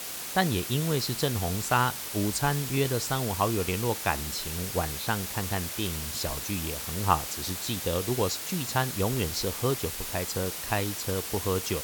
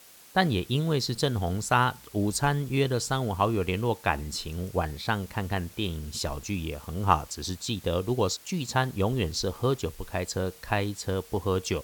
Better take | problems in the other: second | hiss; loud; throughout; 3 dB below the speech; faint in the second

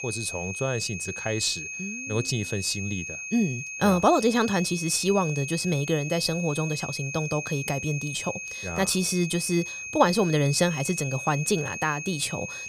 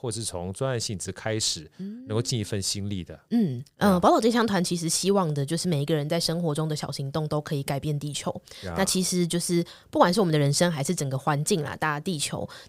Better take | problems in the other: second | high-pitched whine; loud; throughout; 2.5 kHz, 7 dB below the speech

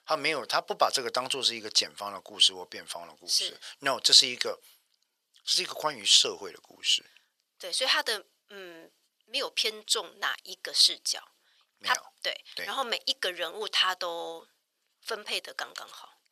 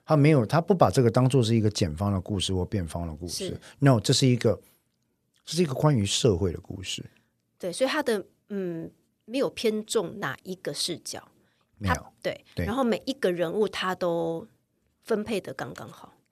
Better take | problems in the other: second | thin; very; fading below 950 Hz

